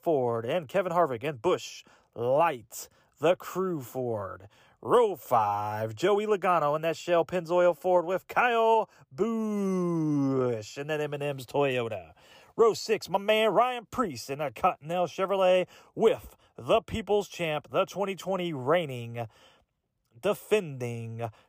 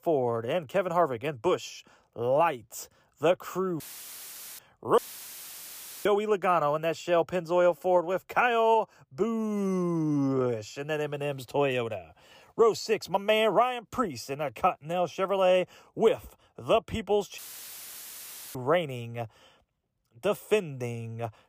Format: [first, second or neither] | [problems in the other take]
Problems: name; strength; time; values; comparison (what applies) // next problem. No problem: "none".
first | audio cutting out; filled with static; at 4 s for 1 s, at 5 s for 1 s and at 17 s for 1 s